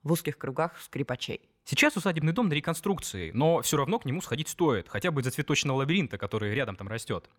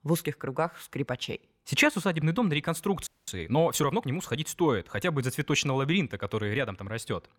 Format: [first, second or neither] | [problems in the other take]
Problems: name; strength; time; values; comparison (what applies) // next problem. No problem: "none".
first | audio freezing; at 3 s